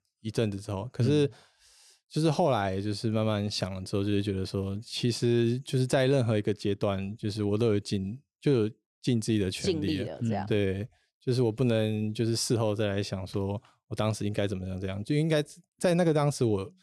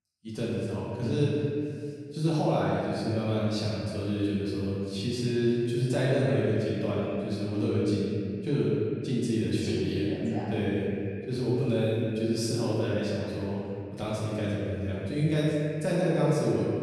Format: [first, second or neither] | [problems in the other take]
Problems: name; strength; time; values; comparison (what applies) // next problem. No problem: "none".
first | room echo; strong; dies away in 2.3 s // off-mic speech; far